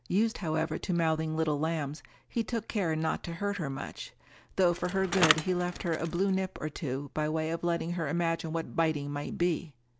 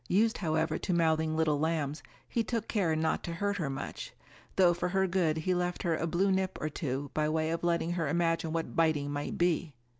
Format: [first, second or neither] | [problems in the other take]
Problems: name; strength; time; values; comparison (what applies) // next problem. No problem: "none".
second | background sound (Bicycle); 4 dB below the speech